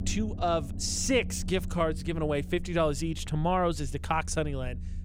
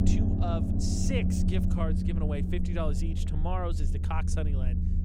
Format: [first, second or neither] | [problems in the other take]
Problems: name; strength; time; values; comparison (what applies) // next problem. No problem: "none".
first | low rumble; loud; throughout; 3 dB below the speech; faint in the first